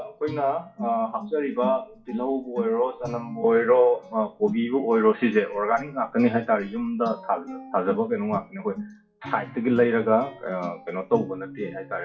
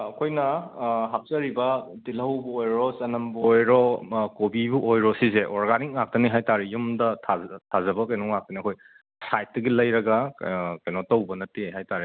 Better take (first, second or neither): second